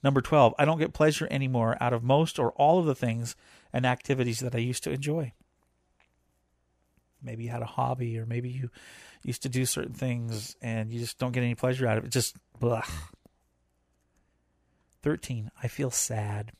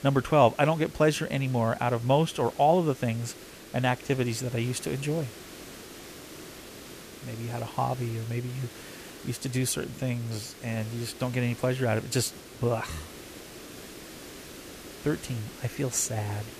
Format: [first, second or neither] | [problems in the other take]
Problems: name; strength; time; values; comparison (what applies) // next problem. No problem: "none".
first | hiss; noticeable; throughout; 15 dB below the speech